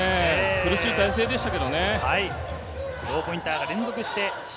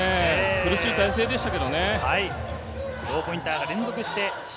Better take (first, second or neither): first